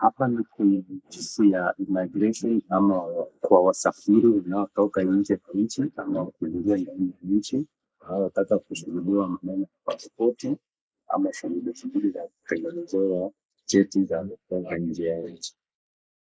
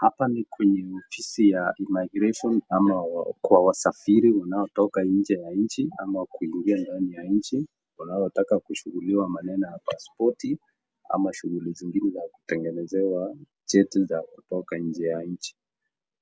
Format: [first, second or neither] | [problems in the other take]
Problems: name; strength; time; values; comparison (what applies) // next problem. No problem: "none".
second | noise reduction (neural mask model Resemble Enhance denoiser)